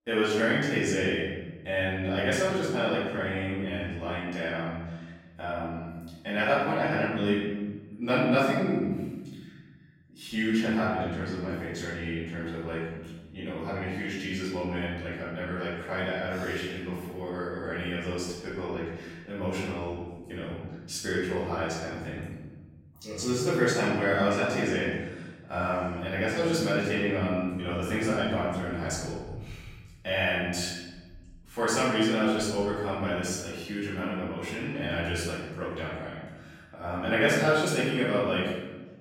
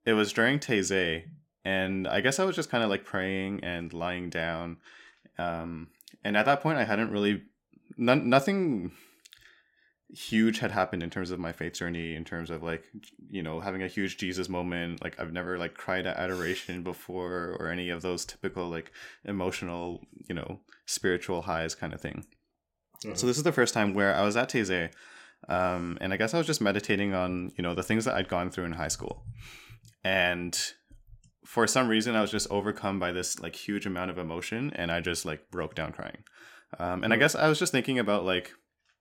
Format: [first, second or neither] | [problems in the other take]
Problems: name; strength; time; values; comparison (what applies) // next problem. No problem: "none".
second | off-mic speech; far // room echo; noticeable; dies away in 1.3 s